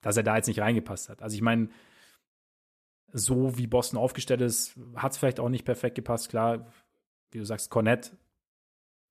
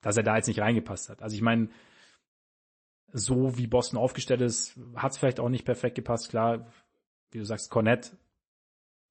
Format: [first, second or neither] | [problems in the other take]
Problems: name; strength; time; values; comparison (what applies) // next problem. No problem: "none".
first | garbled, watery; slightly; nothing above 8 kHz